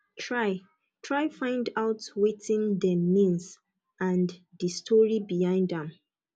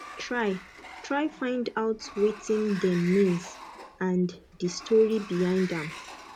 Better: first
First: none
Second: background sound (Sliding door); 16 dB below the speech

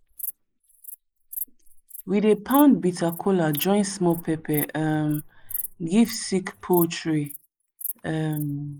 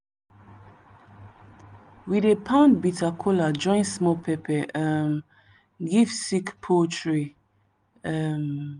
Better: second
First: noise reduction (neural mask model Resemble Enhance denoiser)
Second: none

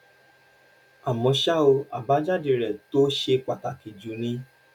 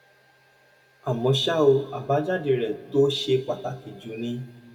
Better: first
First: none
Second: room echo; dies away in 1.8 s

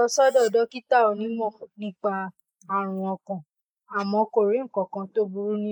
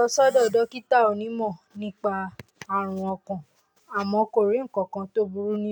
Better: second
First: noise reduction (neural mask model Resemble Enhance denoiser)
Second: none

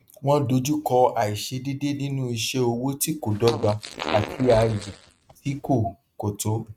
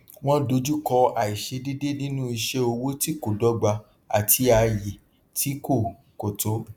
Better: second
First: noise reduction (neural mask model RNNoise)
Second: none

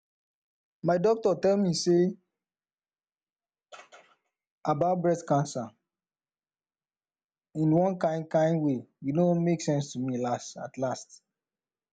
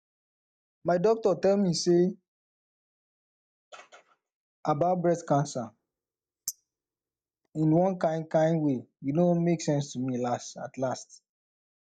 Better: first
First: none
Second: noise reduction (neural mask model DeepFilterNet 3)

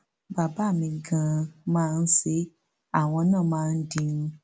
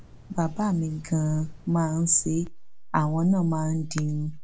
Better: first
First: none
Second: background sound (Drip); 12 dB below the speech

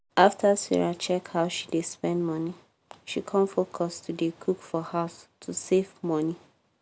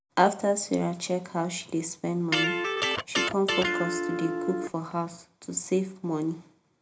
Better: first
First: none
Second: background sound (Electric guitar); as loud as the speech // room echo; dies away in 0.2 s

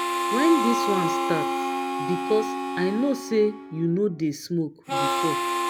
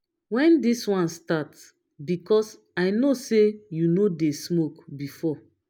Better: second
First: background sound (Harmonica); 1 dB below the speech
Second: none

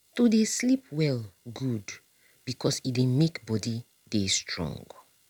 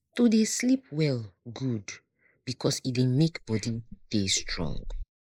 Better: first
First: none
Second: noise reduction (neural mask model Resemble Enhance denoiser)

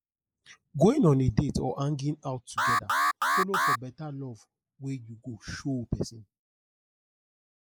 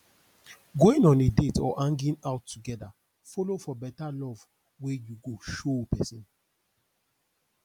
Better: second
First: noise reduction (neural mask model Resemble Enhance denoiser)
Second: none

